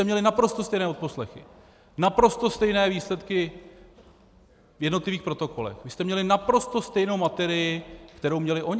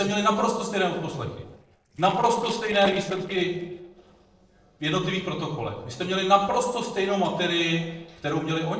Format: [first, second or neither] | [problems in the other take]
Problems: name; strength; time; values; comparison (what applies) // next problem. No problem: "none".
first | noise reduction (neural separator model SepFormer DNS4)